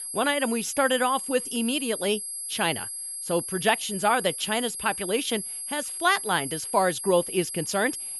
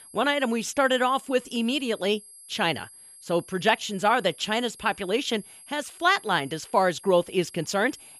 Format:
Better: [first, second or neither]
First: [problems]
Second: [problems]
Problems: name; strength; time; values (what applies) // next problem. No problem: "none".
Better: second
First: high-pitched whine; loud; throughout; 11 kHz, 6 dB below the speech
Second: high-pitched whine; faint; throughout; 11 kHz, 20 dB below the speech